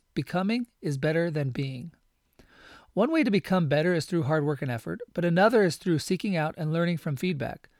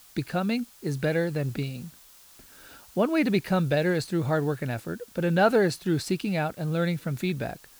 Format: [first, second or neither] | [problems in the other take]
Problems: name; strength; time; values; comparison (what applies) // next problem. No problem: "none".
first | hiss; faint; throughout; 25 dB below the speech